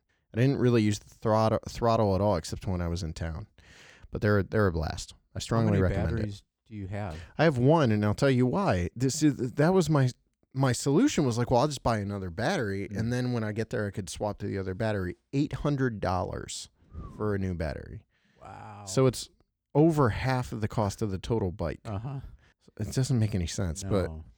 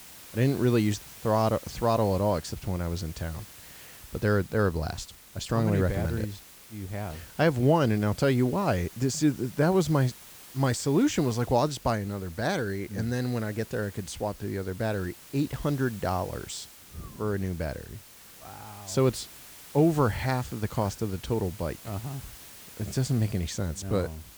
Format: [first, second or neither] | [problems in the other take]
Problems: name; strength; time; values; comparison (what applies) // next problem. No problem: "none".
first | hiss; noticeable; throughout; 15 dB below the speech